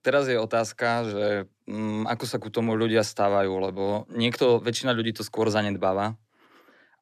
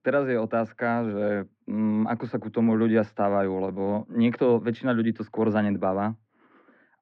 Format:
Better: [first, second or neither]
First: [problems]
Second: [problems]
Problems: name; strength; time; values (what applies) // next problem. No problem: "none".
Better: first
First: none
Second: muffled; very; fading above 2 kHz